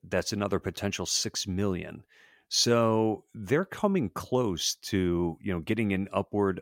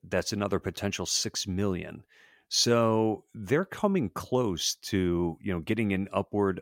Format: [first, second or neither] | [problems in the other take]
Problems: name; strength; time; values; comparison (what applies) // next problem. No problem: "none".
neither | none